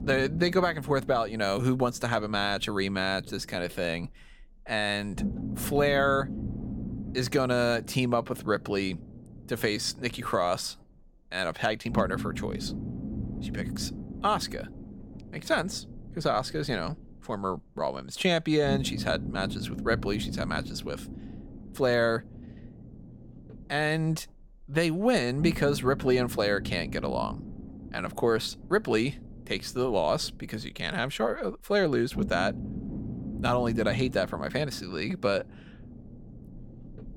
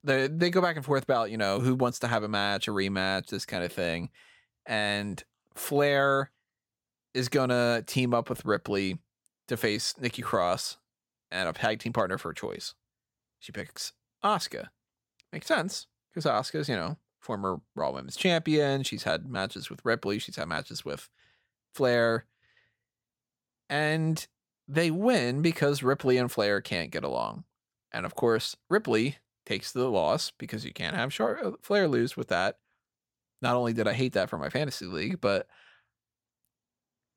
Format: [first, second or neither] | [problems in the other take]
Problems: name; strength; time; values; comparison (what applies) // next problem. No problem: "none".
second | low rumble; noticeable; throughout; 15 dB below the speech